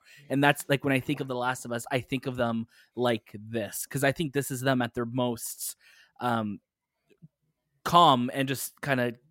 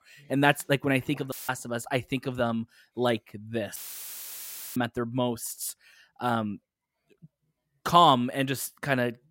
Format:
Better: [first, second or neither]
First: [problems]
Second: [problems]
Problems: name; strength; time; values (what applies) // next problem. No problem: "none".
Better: first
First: none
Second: audio cutting out; filled with static; at 1.5 s and at 4 s for 1 s